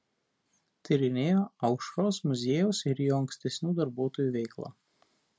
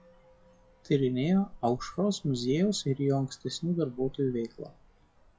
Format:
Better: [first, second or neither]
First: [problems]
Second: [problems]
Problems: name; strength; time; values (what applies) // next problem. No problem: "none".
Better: first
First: none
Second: noise reduction (classical method log-MMSE)